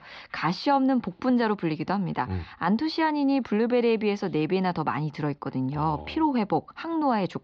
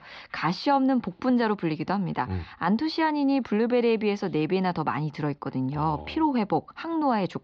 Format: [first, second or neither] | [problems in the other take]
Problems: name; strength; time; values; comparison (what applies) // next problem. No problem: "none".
neither | muffled; very slightly; fading above 4.5 kHz; the same in both